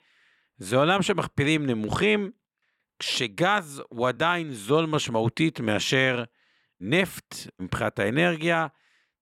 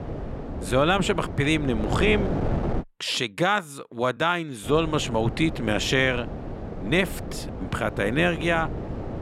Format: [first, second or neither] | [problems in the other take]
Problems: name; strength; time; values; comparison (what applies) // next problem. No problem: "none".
first | wind noise on the microphone; occasional gusts; until 3 s and from 4.5 s on; 10 dB below the speech